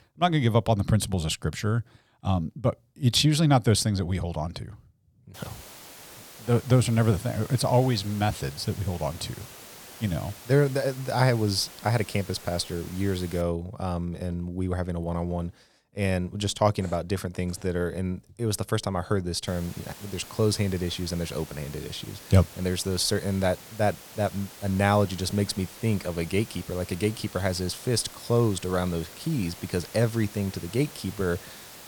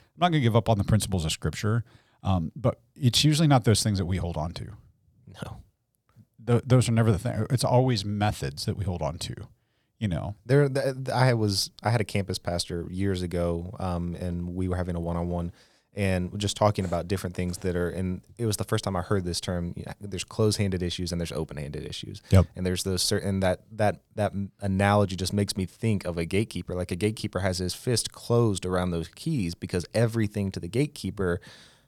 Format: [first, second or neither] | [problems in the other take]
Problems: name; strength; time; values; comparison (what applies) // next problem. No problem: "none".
second | hiss; noticeable; from 5.5 to 13 s and from 19 s on; 15 dB below the speech